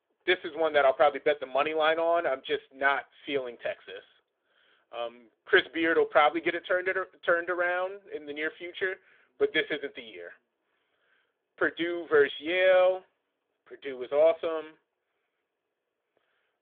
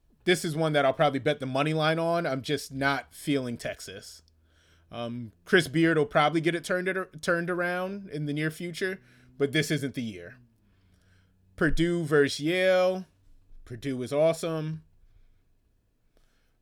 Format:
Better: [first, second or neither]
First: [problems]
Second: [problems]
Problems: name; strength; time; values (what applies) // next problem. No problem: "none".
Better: second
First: phone-call audio; nothing above 3.5 kHz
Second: none